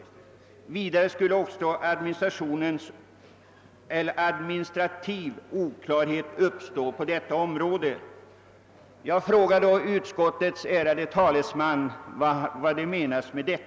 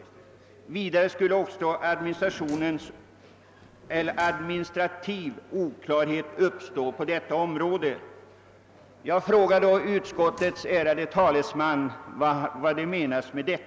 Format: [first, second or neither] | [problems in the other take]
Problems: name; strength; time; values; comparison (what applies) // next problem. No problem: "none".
first | background sound (Drawer open or close); 19 dB below the speech